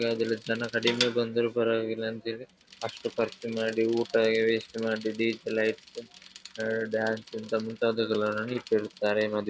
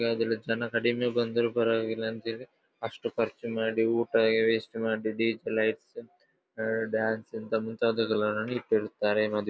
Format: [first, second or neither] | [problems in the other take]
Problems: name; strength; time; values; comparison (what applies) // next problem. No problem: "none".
second | background sound (Bicycle); 14 dB below the speech